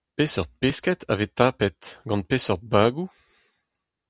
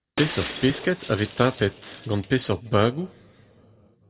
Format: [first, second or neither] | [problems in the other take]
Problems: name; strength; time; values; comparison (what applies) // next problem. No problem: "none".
first | background sound (Shatter); 13 dB below the speech // room echo; dies away in 0.2 s